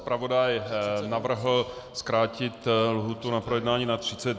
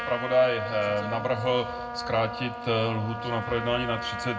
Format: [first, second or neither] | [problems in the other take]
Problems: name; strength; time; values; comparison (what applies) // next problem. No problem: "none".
first | background sound (Trumpet); 8 dB below the speech // room echo; dies away in 0.3 s